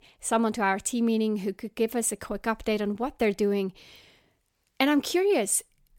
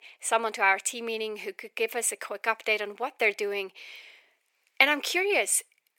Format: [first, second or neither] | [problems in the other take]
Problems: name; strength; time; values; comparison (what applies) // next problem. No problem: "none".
first | thin; very; fading below 450 Hz